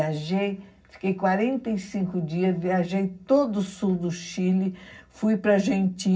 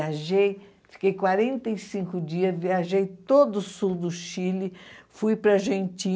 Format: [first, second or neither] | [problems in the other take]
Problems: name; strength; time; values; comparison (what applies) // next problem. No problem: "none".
second | room echo; dies away in 0.4 s